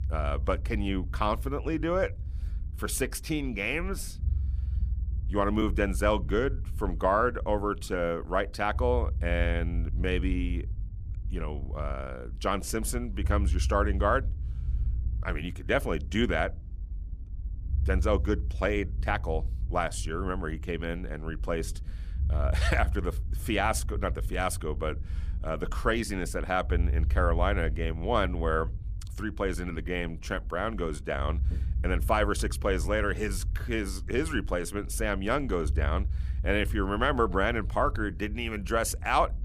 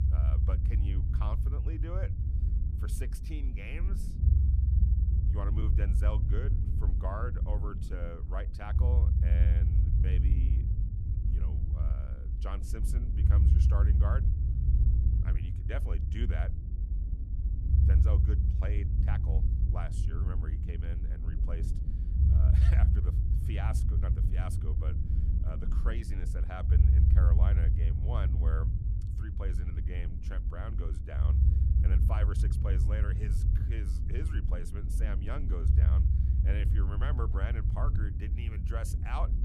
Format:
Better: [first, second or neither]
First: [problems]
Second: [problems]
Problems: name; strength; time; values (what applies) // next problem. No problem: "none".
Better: first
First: low rumble; faint; throughout; 20 dB below the speech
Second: low rumble; loud; throughout; 1 dB below the speech